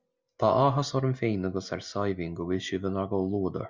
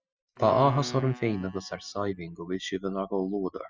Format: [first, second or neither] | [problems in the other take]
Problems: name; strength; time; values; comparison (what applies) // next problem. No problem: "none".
first | noise reduction (classical method spectral subtraction)